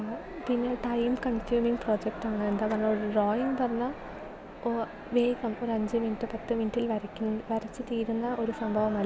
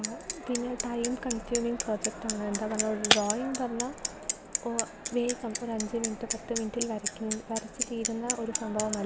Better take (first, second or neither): first